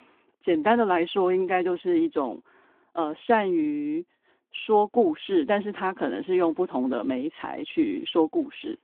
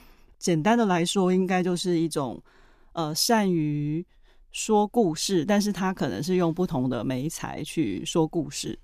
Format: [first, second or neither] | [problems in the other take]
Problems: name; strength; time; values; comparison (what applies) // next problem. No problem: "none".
second | phone-call audio; nothing above 3.5 kHz